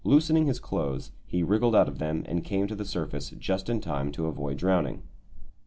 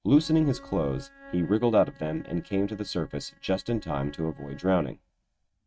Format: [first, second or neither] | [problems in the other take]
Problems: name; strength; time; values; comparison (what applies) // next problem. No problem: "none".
first | noise reduction (neural mask model RNNoise)